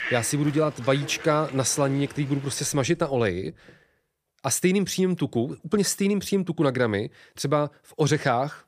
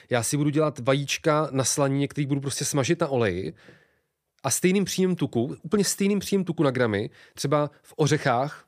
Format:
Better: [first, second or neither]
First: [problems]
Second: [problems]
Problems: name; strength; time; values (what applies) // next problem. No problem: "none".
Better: second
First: animal sounds; noticeable; until 3 s; 15 dB below the speech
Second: none